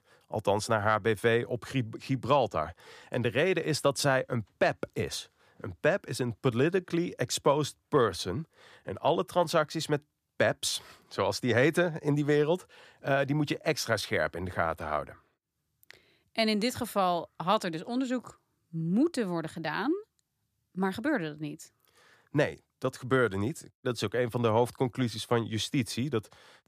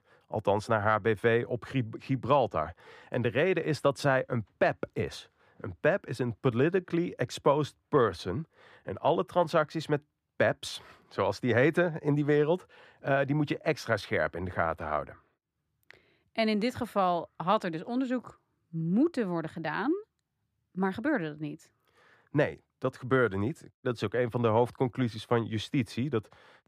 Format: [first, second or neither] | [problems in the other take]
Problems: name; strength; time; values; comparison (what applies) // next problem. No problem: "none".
first | muffled; slightly; fading above 3.5 kHz